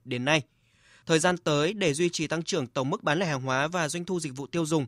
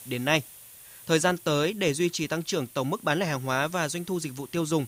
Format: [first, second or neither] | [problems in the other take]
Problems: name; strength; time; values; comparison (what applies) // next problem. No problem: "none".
first | hiss; noticeable; throughout; 20 dB below the speech